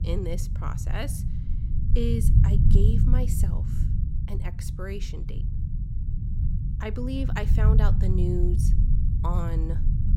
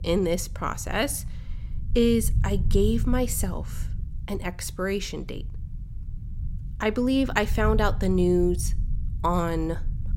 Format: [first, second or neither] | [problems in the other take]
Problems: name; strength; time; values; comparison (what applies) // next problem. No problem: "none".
second | low rumble; loud; throughout; 4 dB below the speech; faint in the second